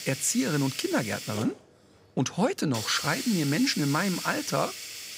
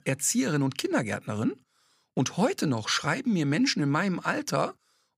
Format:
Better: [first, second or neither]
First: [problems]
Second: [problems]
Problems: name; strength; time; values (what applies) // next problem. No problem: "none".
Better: second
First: hiss; loud; throughout; 7 dB below the speech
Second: none